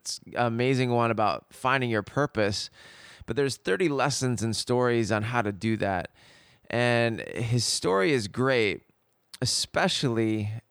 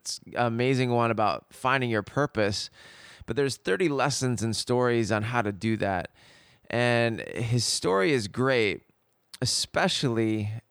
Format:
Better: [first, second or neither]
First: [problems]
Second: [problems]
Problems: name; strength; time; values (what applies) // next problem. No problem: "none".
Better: neither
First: none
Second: none